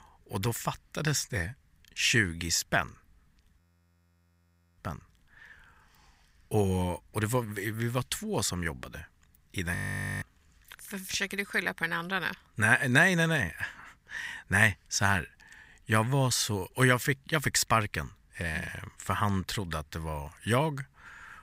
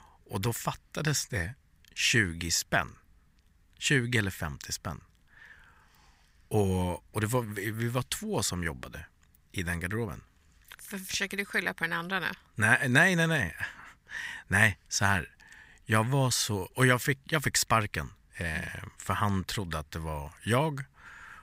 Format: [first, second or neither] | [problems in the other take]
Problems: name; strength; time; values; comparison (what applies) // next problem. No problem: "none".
second | audio freezing; at 3.5 s for 1 s and at 10 s